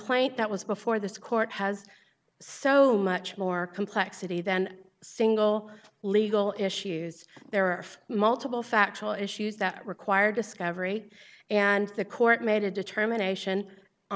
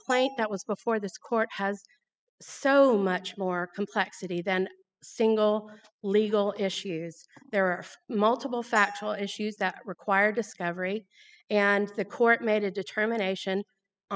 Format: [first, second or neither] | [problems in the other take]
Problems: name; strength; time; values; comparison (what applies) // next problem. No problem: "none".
first | noise reduction (classical method spectral subtraction)